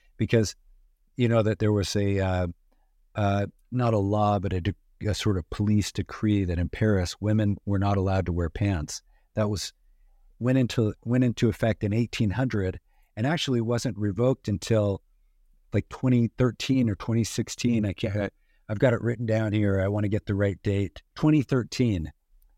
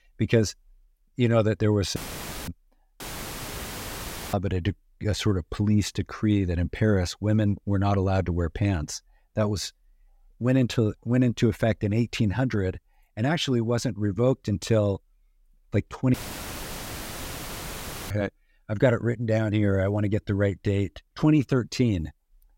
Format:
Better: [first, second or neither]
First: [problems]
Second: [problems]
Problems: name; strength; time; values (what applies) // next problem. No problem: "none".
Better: first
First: none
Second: audio cutting out; filled with static; at 2 s for 0.5 s, at 3 s for 1.5 s and at 16 s for 2 s